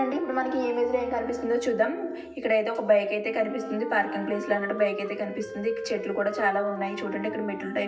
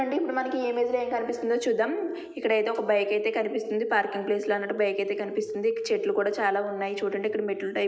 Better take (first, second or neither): second